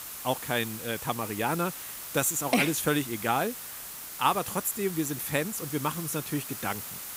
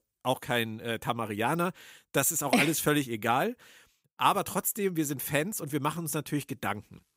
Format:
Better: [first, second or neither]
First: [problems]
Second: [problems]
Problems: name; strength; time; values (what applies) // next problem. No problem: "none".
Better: second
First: hiss; loud; throughout; 8 dB below the speech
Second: none